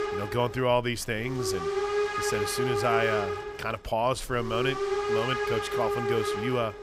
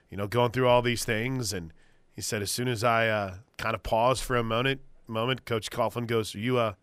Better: second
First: hiss; loud; throughout; as loud as the speech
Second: none

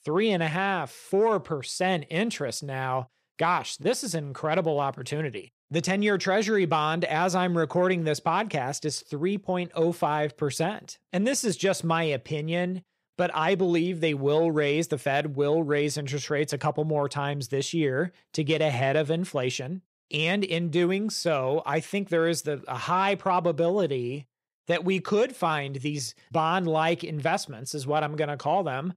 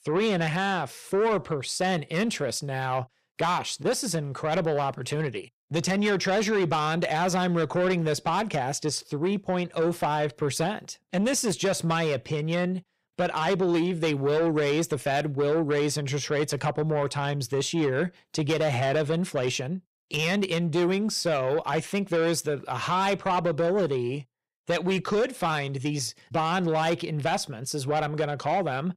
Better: first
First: none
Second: distortion; slight; 10 dB below the speech

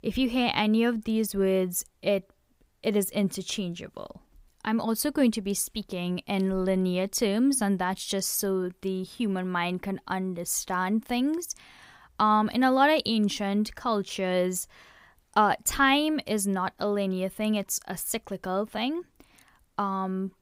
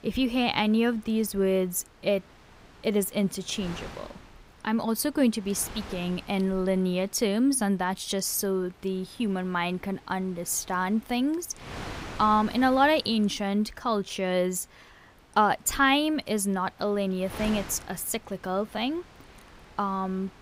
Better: first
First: none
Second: wind noise on the microphone; occasional gusts; 20 dB below the speech

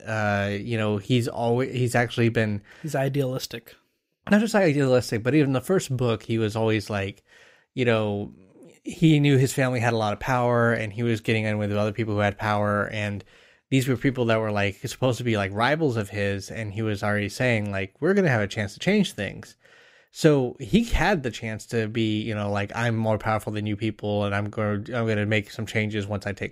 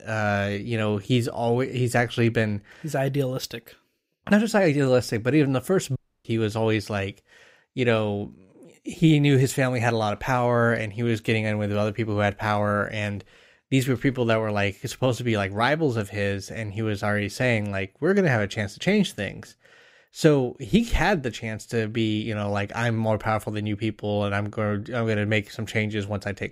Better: first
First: none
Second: audio cutting out; at 6 s

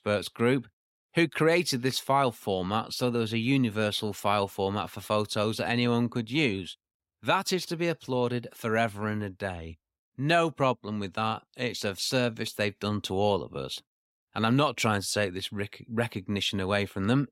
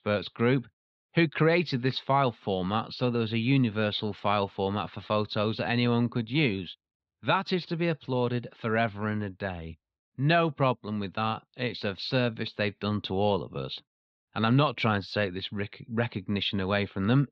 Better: first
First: none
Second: muffled; very slightly; fading above 4 kHz

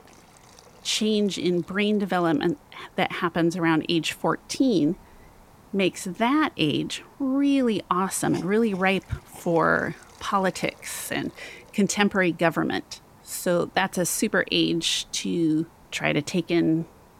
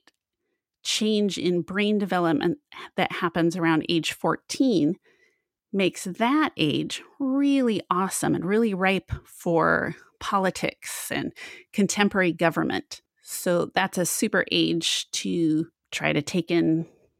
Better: second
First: hiss; faint; throughout; 25 dB below the speech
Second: none

